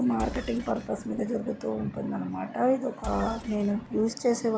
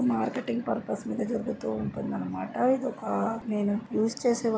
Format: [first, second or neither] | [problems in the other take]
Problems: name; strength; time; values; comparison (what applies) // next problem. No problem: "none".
second | background sound (Engine); 12 dB below the speech